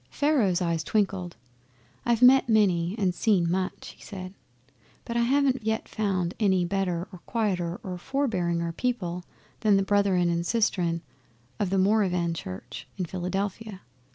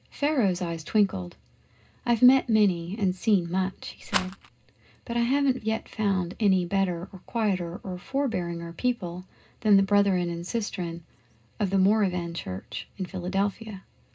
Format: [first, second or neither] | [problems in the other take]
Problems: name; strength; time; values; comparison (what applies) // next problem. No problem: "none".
first | background sound (Rattle); 7 dB below the speech // room echo; dies away in 0.2 s